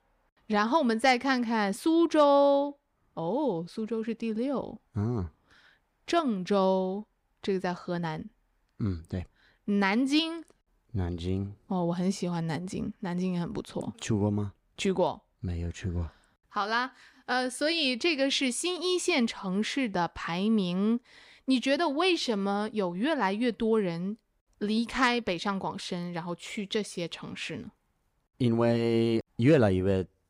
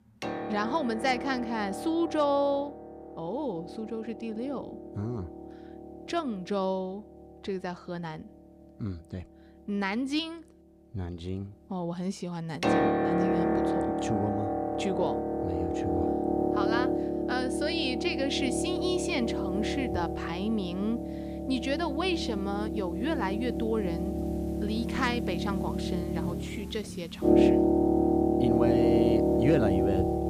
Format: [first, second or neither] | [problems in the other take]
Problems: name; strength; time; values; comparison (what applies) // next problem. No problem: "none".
first | background music; very loud; throughout; 4 dB above the speech